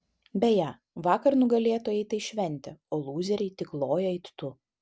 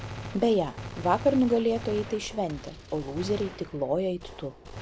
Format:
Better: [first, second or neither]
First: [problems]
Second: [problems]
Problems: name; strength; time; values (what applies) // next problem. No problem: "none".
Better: first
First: none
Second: background sound (Gunshot, gunfire); 12 dB below the speech